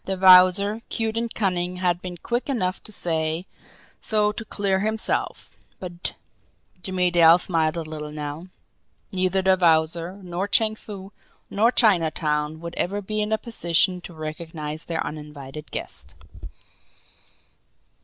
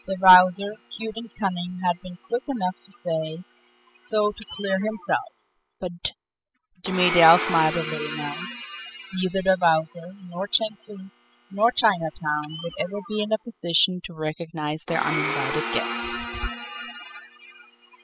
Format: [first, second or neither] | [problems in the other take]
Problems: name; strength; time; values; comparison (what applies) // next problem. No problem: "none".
first | noise reduction (classical method spectral subtraction)